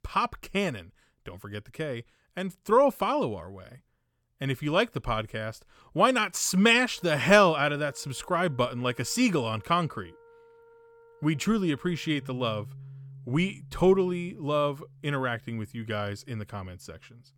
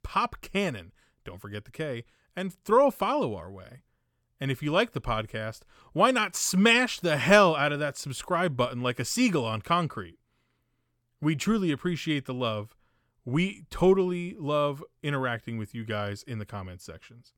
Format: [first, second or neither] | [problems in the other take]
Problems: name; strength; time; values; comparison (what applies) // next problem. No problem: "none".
second | background music; faint; from 7 s on; 25 dB below the speech